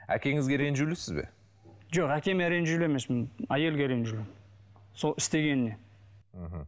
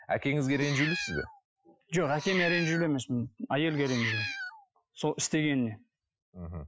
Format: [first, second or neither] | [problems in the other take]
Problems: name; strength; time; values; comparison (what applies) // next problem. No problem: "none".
first | noise reduction (classical method Wiener filter)